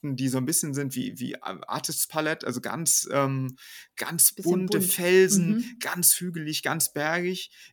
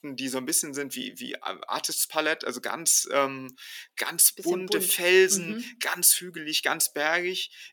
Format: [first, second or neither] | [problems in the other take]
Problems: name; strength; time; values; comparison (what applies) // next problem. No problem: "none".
first | thin; somewhat; fading below 400 Hz